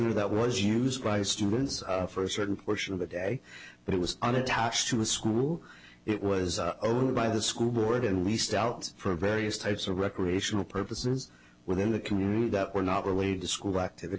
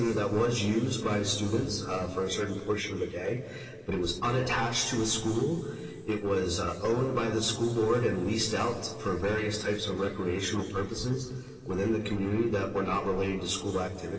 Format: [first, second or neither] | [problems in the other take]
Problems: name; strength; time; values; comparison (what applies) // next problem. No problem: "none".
first | background sound (Telephone); 18 dB below the speech // room echo; dies away in 2.5 s